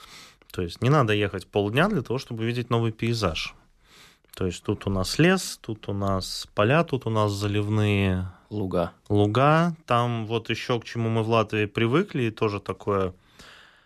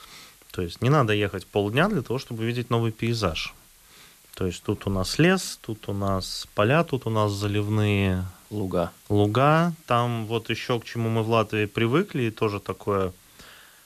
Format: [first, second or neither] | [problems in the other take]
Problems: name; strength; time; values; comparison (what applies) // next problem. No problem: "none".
first | hiss; faint; throughout; 25 dB below the speech